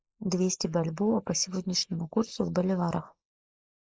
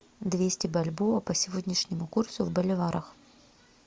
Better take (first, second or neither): second